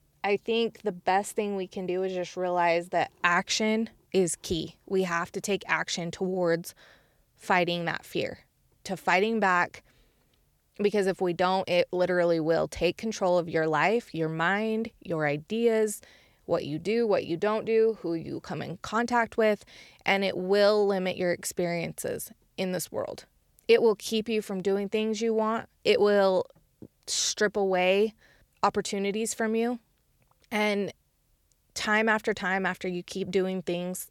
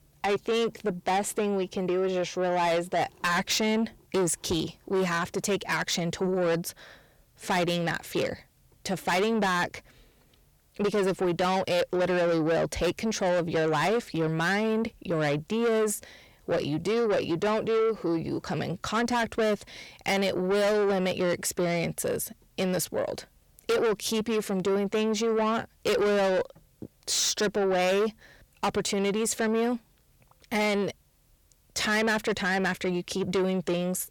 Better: first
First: none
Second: distortion; heavy; 8 dB below the speech

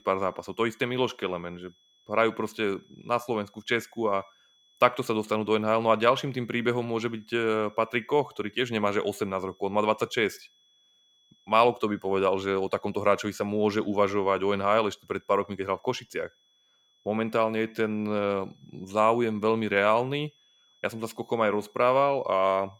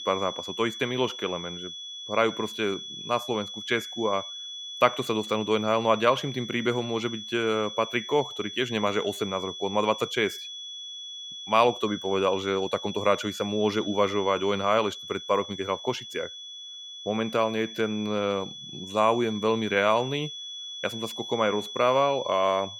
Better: first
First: high-pitched whine; faint; throughout; 3.5 kHz, 35 dB below the speech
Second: high-pitched whine; loud; throughout; 3.5 kHz, 10 dB below the speech

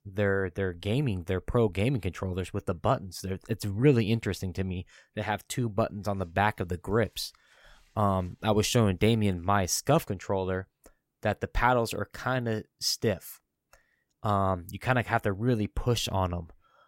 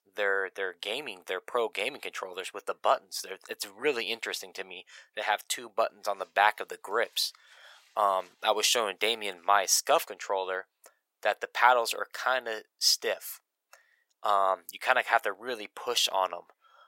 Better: first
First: none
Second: thin; very; fading below 600 Hz

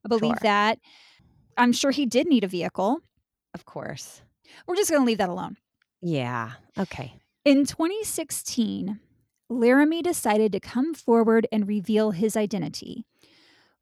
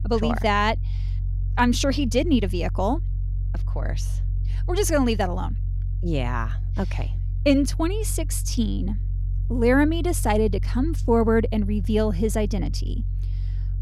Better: first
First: none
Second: low rumble; faint; throughout; 20 dB below the speech

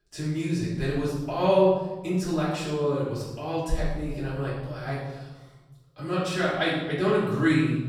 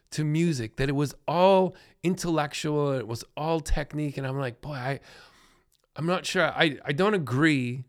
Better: second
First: room echo; noticeable; dies away in 1 s // off-mic speech; far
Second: none

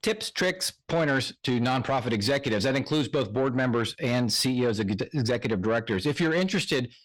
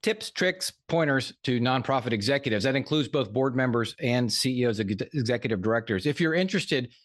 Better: second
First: distortion; slight; 10 dB below the speech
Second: none

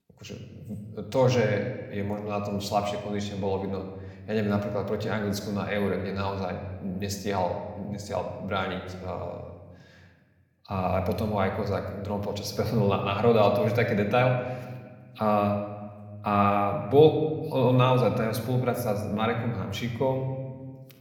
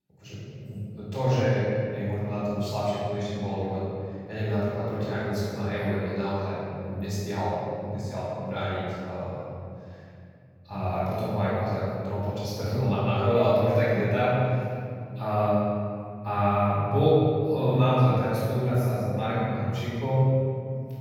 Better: first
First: room echo; slight; dies away in 1.2 s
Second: room echo; strong; dies away in 2.7 s // off-mic speech; far

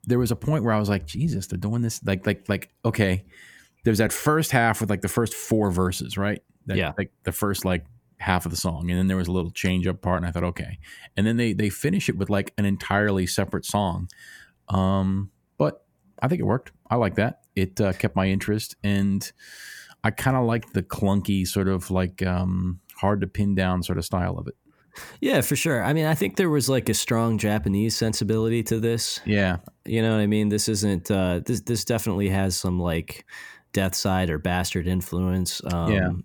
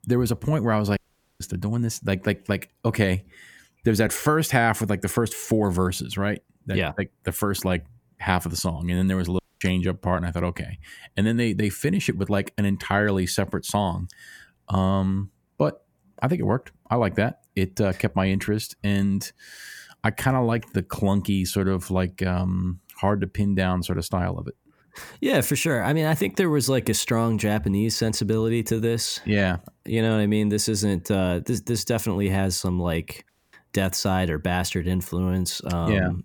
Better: first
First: none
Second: audio cutting out; at 1 s, at 9.5 s and at 33 s

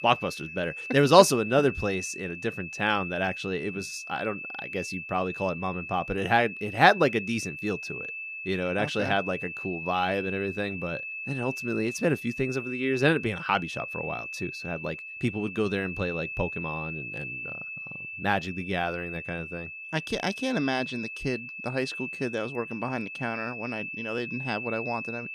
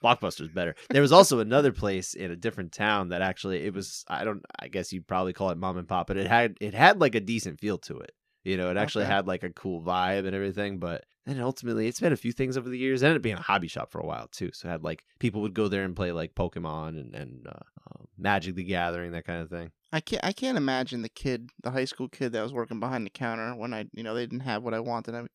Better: second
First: high-pitched whine; loud; throughout; 2.5 kHz, 7 dB below the speech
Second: none

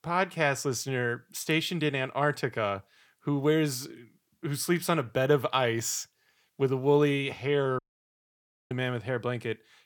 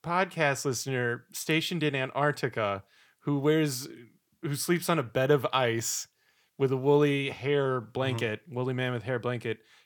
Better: second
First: audio cutting out; at 8 s for 1 s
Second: none

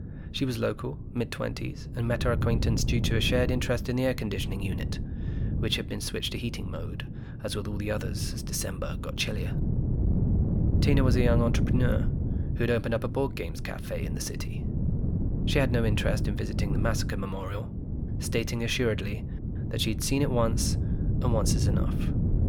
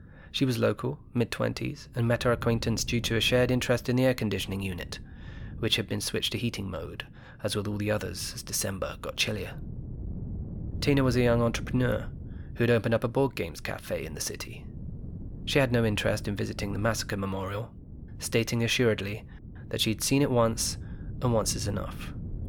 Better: second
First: wind noise on the microphone; heavy; 9 dB below the speech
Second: wind noise on the microphone; occasional gusts; 25 dB below the speech

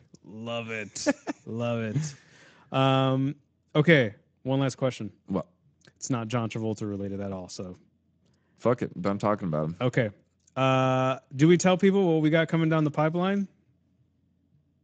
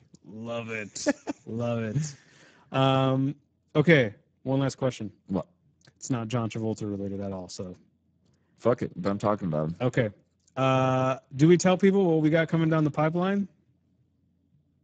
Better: first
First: garbled, watery; slightly; nothing above 7.5 kHz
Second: garbled, watery; badly; nothing above 7.5 kHz

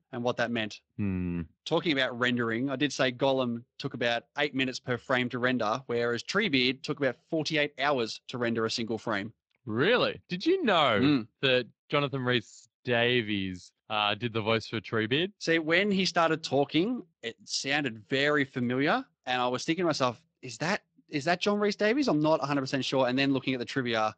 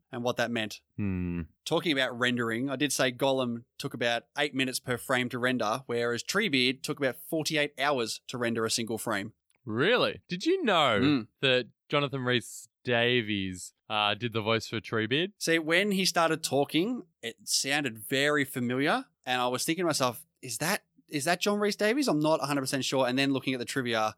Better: second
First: garbled, watery; slightly; nothing above 8 kHz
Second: none

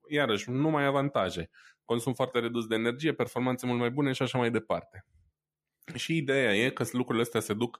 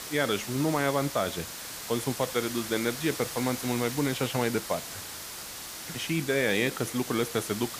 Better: first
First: none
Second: hiss; loud; throughout; 7 dB below the speech

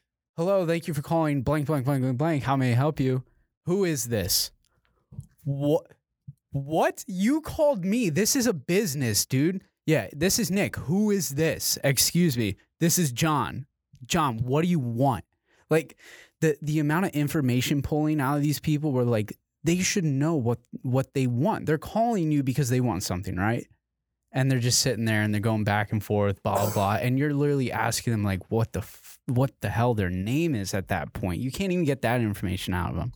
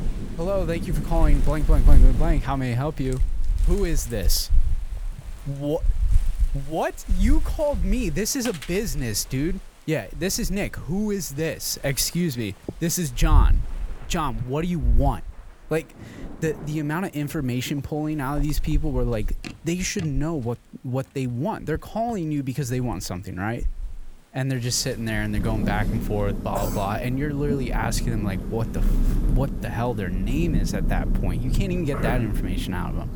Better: first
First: none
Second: rain or running water; loud; throughout; 1 dB below the speech

